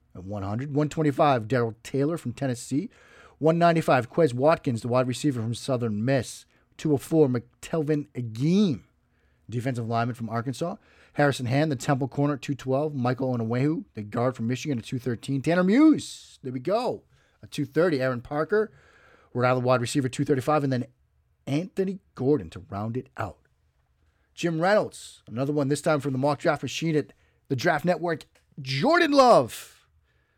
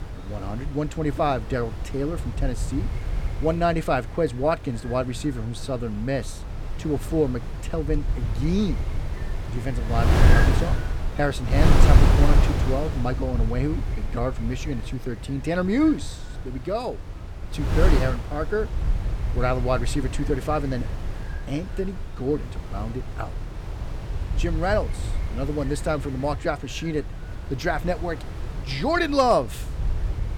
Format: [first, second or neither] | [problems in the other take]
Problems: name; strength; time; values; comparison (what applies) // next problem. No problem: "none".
first | wind noise on the microphone; heavy; 8 dB below the speech